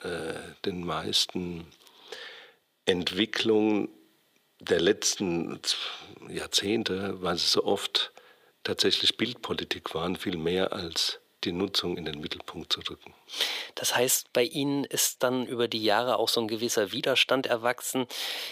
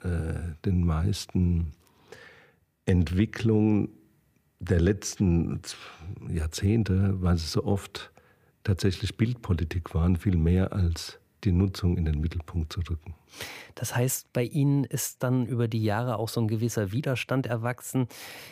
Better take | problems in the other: second | thin; very; fading below 450 Hz

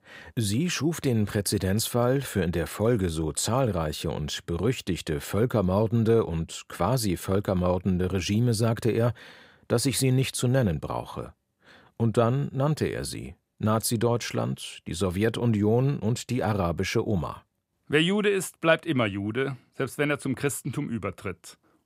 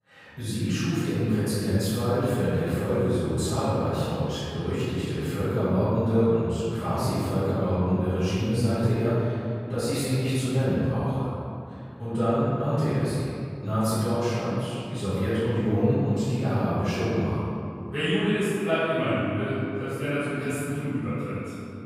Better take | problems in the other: first | off-mic speech; far // room echo; strong; dies away in 2.5 s

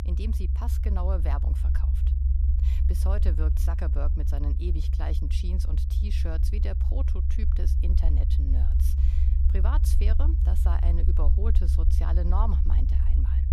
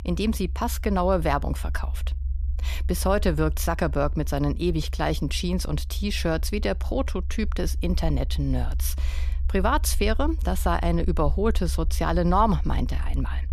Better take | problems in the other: second | low rumble; loud; throughout; 3 dB below the speech; faint in the second

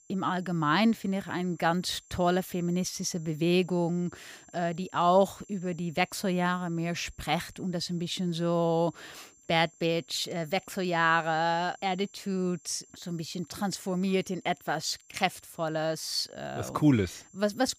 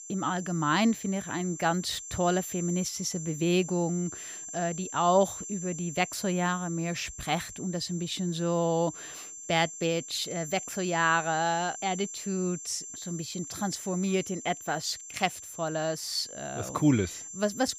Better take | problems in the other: first | high-pitched whine; loud; throughout; 7.5 kHz, 9 dB below the speech; faint in the first

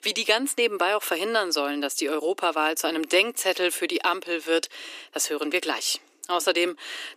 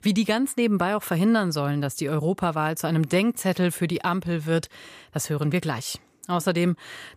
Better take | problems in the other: second | thin; very; fading below 300 Hz

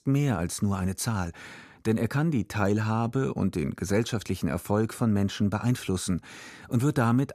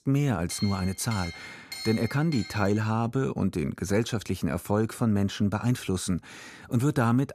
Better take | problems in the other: first | clattering dishes; noticeable; until 3 s; peak 8 dB below the speech

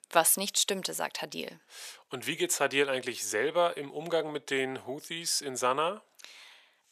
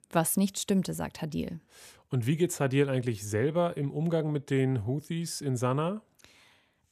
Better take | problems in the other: second | thin; very; fading below 550 Hz

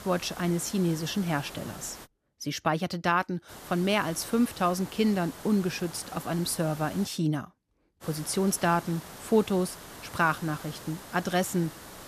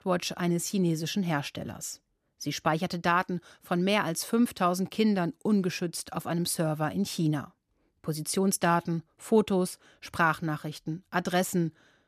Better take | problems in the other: second | hiss; noticeable; until 2 s, from 3.5 to 7 s and from 8 s on; 15 dB below the speech

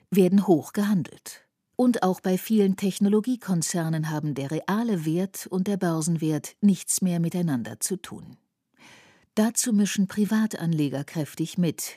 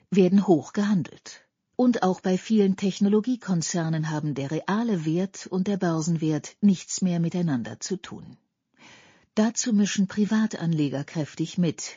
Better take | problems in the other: first | garbled, watery; slightly; nothing above 12.5 kHz

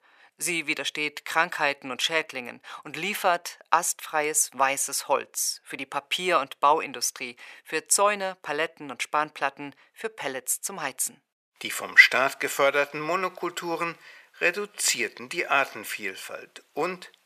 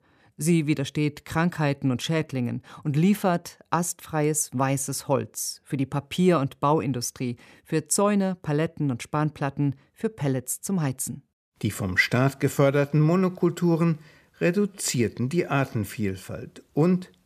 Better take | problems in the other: second | thin; very; fading below 750 Hz

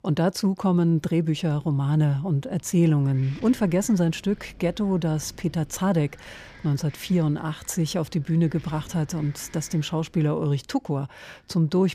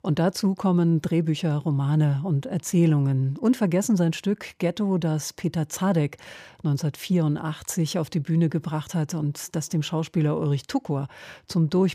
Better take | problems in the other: second | wind noise on the microphone; occasional gusts; 20 dB below the speech

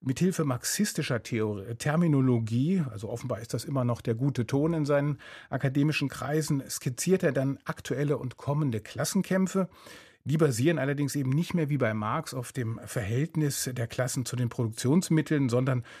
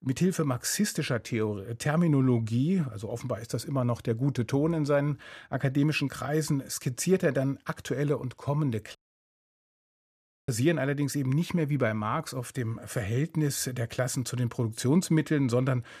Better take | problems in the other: first | audio cutting out; at 9 s for 1.5 s

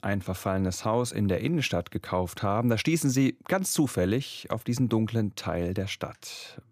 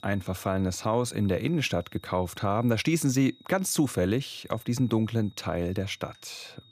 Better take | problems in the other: first | high-pitched whine; faint; throughout; 4 kHz, 30 dB below the speech

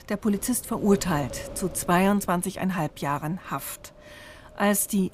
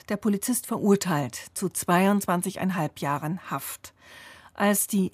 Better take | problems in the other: second | wind noise on the microphone; occasional gusts; 20 dB below the speech

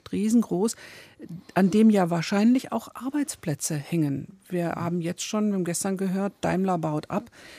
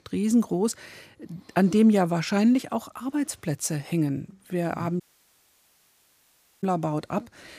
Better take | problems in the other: first | audio cutting out; at 5 s for 1.5 s

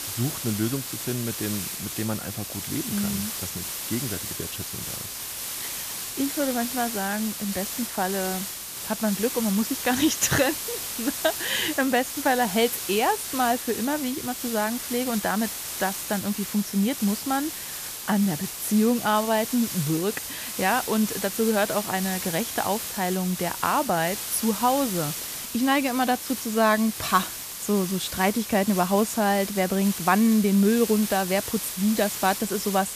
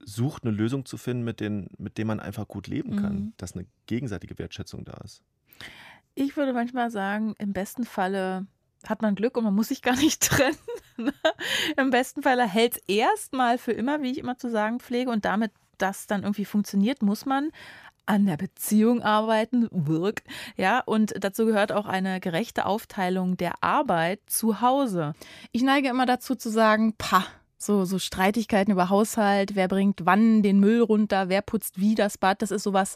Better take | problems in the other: second | hiss; loud; throughout; 5 dB below the speech

